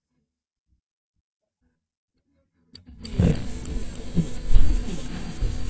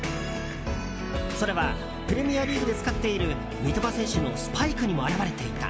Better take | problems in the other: second | noise reduction (neural mask model DeepFilterNet 3)

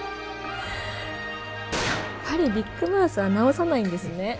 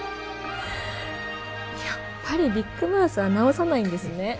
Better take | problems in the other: second | background sound (Gunshot, gunfire); 8 dB below the speech

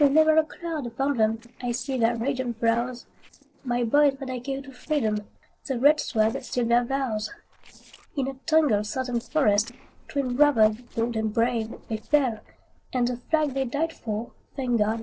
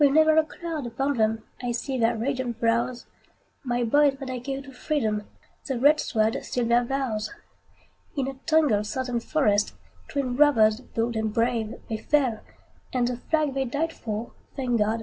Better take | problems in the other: second | noise reduction (neural separator model SepFormer DNS4)

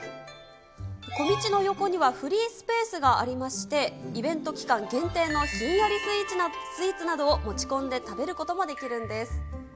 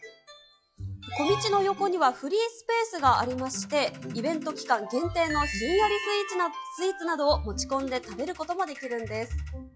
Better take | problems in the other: first | noise reduction (classical method log-MMSE)

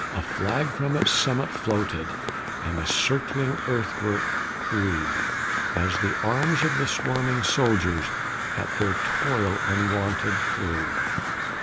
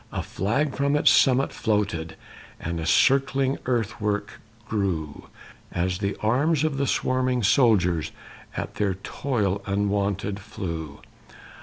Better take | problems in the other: second | background sound (Crow); 1 dB below the speech

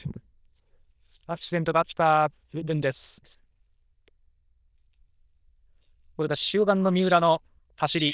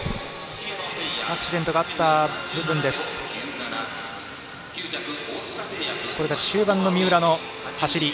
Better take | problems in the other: second | noise reduction (neural diffusion model UNIVERSE++)

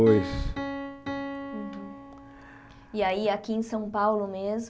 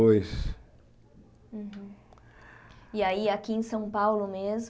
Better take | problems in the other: second | background sound (Piano); 10 dB below the speech

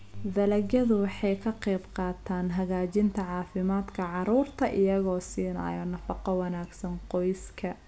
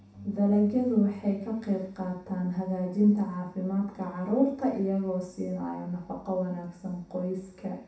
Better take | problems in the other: first | room echo; dies away in 0.7 s

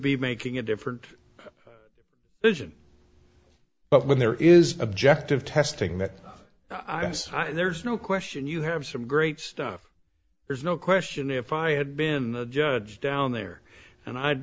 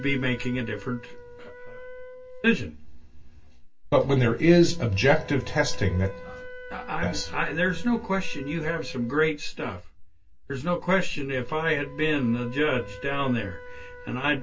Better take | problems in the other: first | background sound (Wind instrument, woodwind instrument); 19 dB below the speech // room echo; dies away in 0.1 s

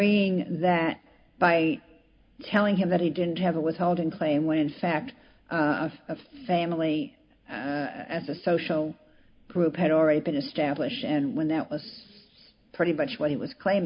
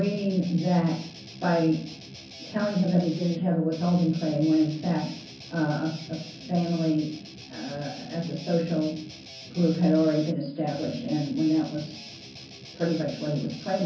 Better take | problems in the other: first | background sound (Guitar); 17 dB below the speech // room echo; dies away in 0.6 s

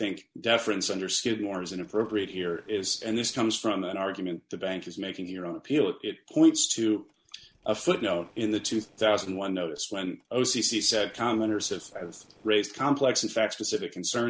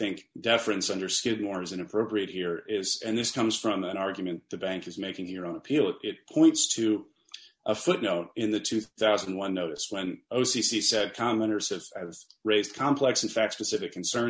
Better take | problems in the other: second | noise reduction (neural separator model SepFormer DNS4)

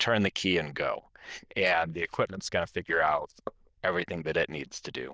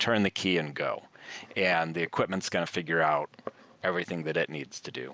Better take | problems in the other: second | noise reduction (neural diffusion model UNIVERSE++)

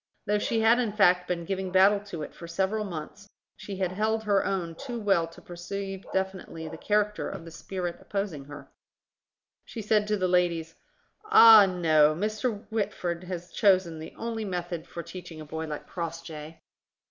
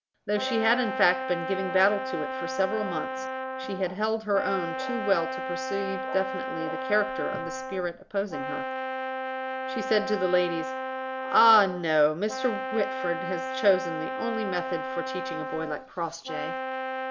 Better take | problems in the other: first | background sound (Brass instrument); 4 dB below the speech

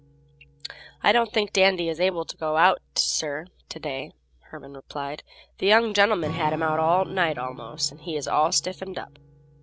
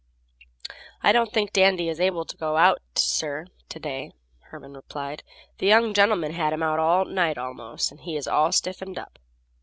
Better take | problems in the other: second | background sound (Acoustic guitar / Strum); 18 dB below the speech

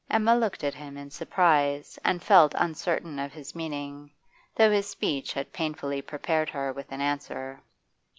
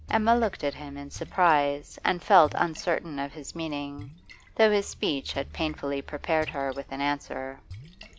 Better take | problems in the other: first | background sound (Splash, splatter); 19 dB below the speech

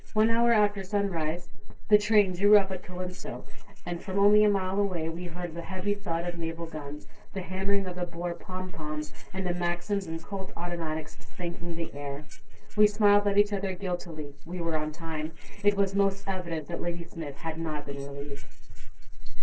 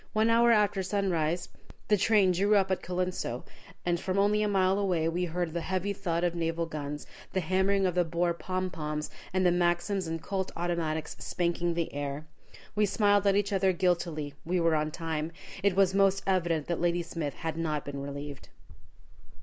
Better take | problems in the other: second | noise reduction (neural separator model SepFormer DNS4)

